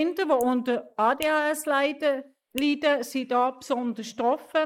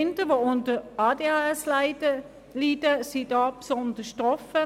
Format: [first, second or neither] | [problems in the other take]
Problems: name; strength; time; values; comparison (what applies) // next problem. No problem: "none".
second | noise reduction (neural mask model Resemble Enhance denoiser)